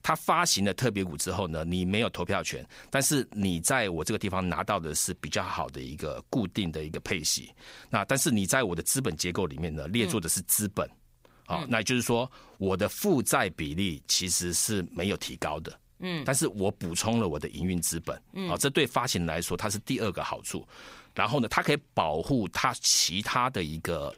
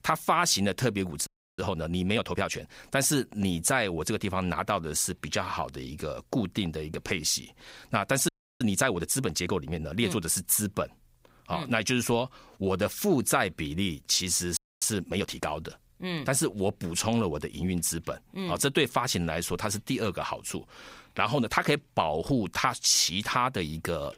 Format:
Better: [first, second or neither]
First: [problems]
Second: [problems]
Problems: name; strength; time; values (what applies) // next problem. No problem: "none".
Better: first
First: none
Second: audio freezing; at 1.5 s, at 8.5 s and at 15 s